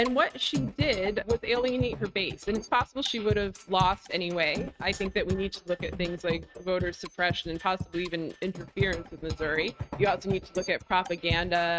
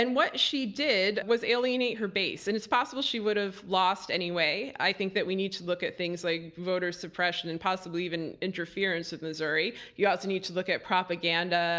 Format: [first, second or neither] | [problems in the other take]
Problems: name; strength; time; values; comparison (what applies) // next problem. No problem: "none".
second | noise reduction (neural mask model RNNoise)